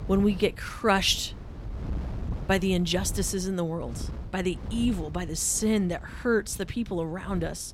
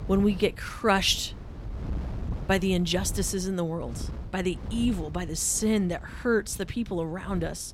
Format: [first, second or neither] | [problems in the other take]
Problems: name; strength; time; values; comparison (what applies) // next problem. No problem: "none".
neither | wind noise on the microphone; occasional gusts; 20 dB below the speech; the same in both